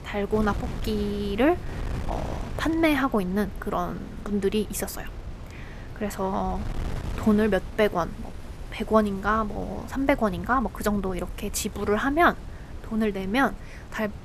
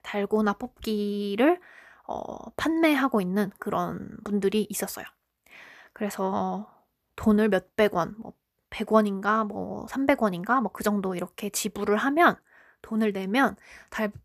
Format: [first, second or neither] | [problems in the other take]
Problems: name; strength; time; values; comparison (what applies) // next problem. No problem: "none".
second | wind noise on the microphone; occasional gusts; 20 dB below the speech